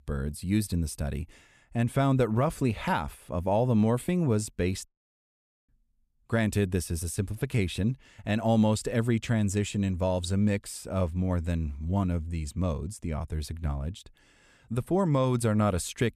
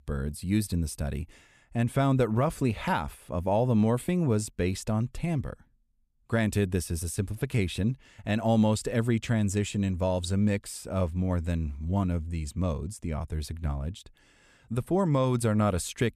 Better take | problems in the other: second | audio cutting out; at 5 s for 1 s

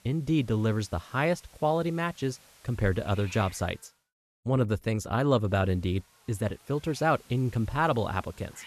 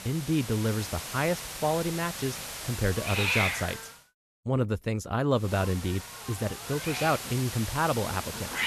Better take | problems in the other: first | hiss; loud; until 4 s and from 5.5 s on; 4 dB below the speech; faint in the first

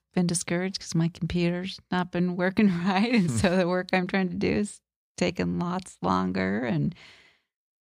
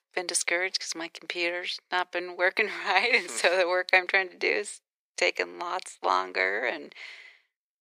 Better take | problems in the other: first | thin; very; fading below 400 Hz

